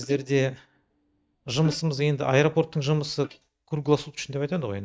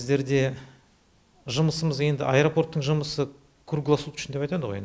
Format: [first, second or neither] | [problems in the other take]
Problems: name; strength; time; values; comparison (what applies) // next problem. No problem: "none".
second | noise reduction (neural mask model DeepFilterNet 3)